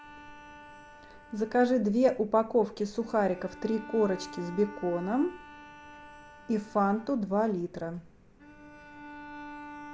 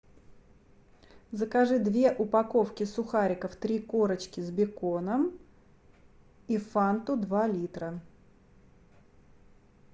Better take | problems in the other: second | background sound (Bowed string instrument); 17 dB below the speech

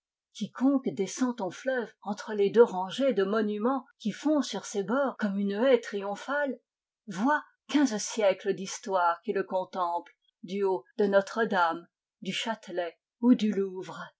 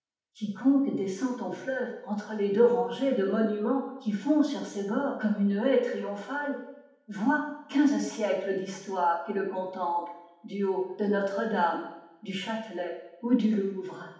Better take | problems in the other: first | room echo; dies away in 0.8 s

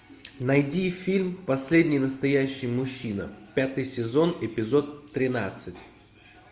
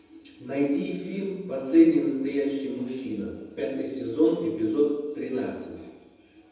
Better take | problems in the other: first | room echo; dies away in 1.1 s

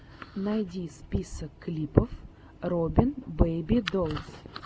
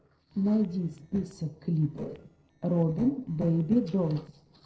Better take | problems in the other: first | noise reduction (neural separator model SepFormer DNS4)

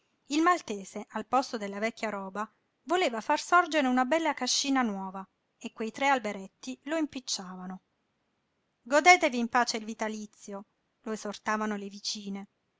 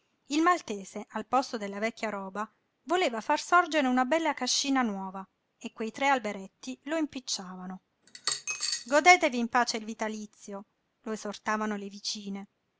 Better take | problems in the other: first | background sound (Coin (dropping)); 5 dB below the speech

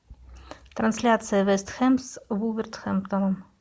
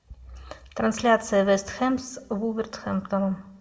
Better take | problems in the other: first | room echo; dies away in 0.8 s

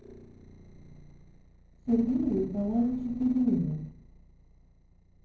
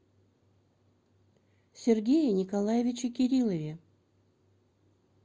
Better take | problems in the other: second | noise reduction (neural separator model SepFormer DNS4)

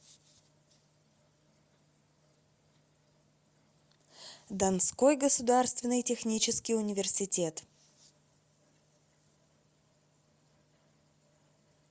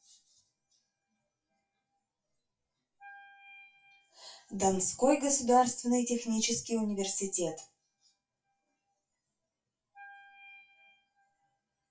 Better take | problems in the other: first | noise reduction (classical method WPE with log-MMSE)

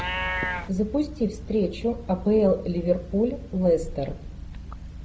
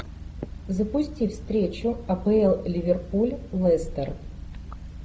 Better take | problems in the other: second | background sound (Livestock, farm animals, working animals); 11 dB below the speech

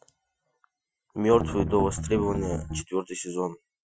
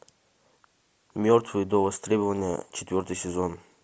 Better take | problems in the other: second | noise reduction (classical method Wiener filter)

